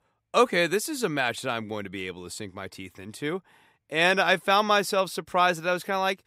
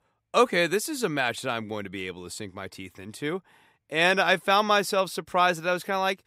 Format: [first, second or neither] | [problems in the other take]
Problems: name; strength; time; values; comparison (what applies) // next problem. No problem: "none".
neither | none